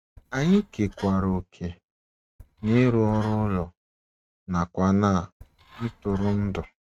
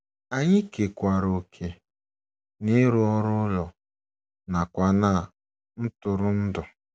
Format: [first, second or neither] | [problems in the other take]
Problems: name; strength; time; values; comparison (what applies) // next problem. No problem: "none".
second | noise reduction (neural mask model RNNoise)